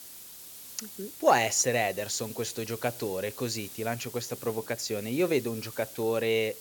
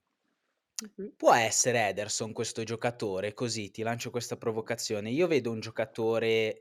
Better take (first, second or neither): second